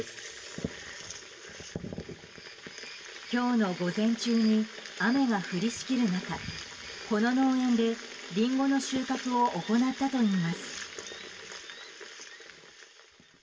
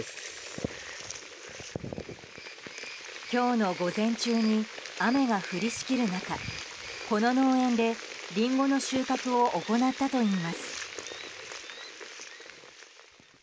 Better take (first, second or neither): second